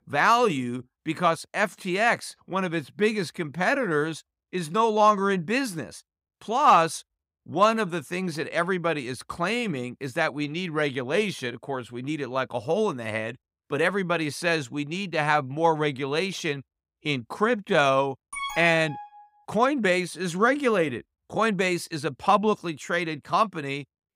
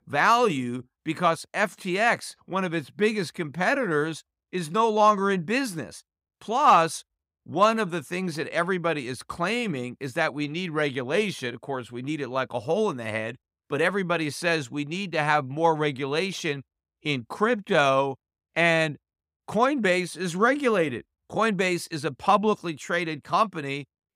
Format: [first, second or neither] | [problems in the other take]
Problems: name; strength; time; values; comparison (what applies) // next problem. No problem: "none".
second | alarm; noticeable; at 18 s; peak 5 dB below the speech